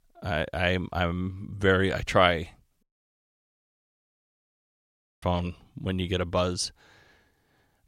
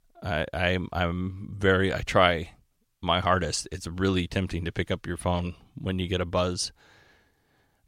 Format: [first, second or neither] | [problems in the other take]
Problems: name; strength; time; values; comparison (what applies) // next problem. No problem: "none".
second | audio cutting out; at 3 s for 2.5 s